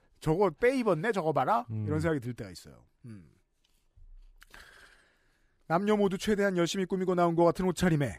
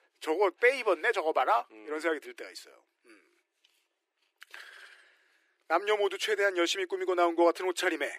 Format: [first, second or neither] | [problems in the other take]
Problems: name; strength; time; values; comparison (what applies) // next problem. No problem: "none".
first | thin; very; fading below 350 Hz